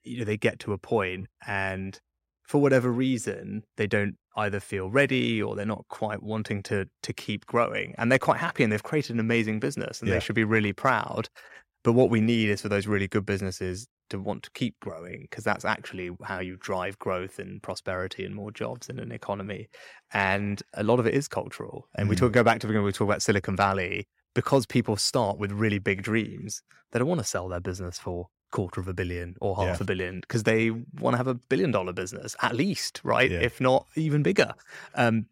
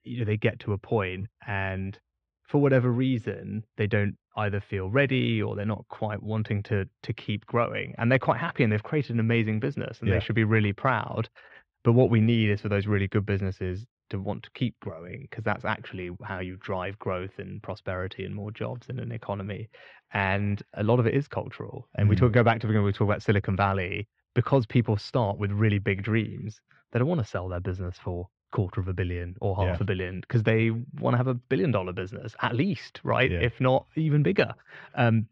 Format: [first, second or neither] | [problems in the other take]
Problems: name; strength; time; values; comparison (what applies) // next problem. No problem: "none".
first | muffled; slightly; fading above 3.5 kHz